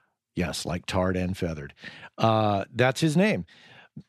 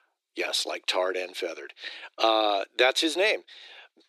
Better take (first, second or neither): first